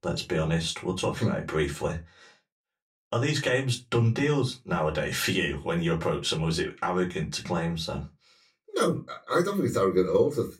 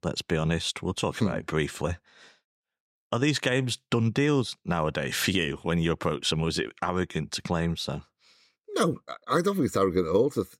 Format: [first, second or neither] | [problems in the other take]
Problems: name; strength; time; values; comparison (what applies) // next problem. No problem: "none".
second | off-mic speech; far // room echo; very slight; dies away in 0.2 s